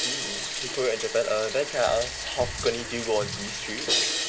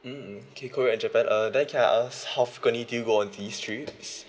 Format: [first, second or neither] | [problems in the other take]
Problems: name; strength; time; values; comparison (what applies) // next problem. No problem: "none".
second | background sound (Crash cymbal + Bathtub (filling or washing)); 2 dB below the speech